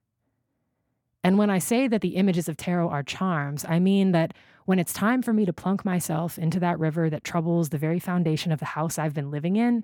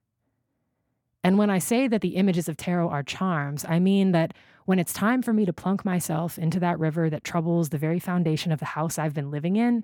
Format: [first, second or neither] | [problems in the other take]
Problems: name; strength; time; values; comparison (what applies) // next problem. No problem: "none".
neither | none